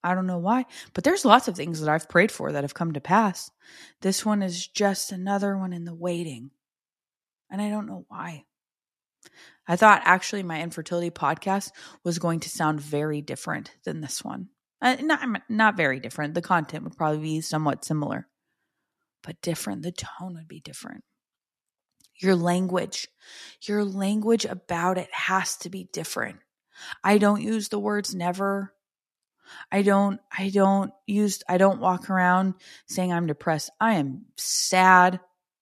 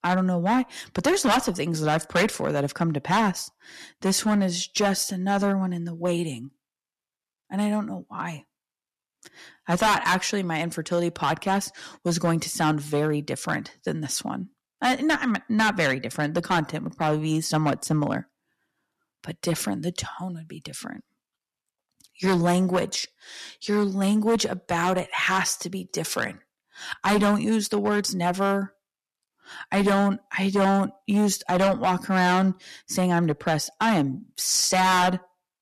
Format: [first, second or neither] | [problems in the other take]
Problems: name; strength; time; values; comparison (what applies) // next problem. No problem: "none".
first | distortion; heavy; 7% of the sound clipped